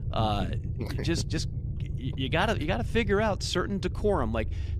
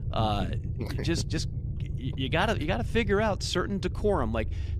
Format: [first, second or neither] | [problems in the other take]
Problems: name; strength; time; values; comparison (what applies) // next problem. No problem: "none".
neither | low rumble; noticeable; throughout; 20 dB below the speech; the same in both